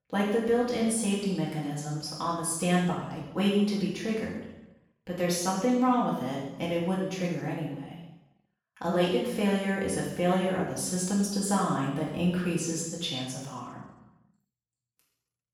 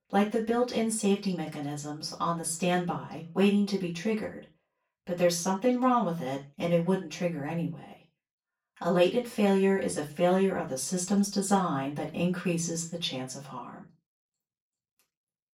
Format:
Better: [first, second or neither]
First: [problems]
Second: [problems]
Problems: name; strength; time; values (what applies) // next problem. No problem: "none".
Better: second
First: room echo; strong; dies away in 0.9 s // off-mic speech; far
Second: room echo; slight; dies away in 0.2 s // off-mic speech; far